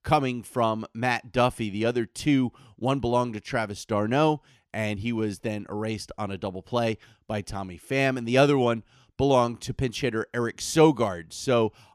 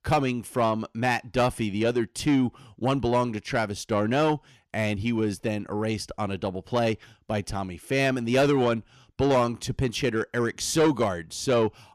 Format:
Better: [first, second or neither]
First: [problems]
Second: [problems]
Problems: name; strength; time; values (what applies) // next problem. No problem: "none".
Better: first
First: none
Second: distortion; slight; 10 dB below the speech